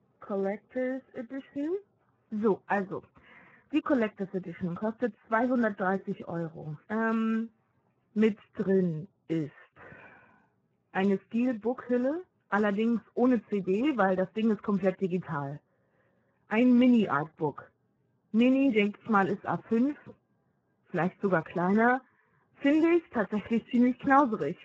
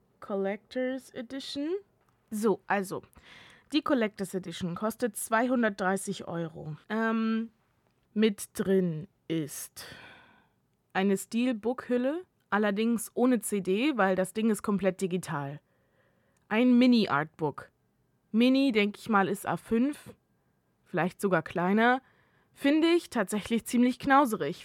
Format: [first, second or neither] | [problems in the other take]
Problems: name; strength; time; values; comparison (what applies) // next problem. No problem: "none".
second | garbled, watery; badly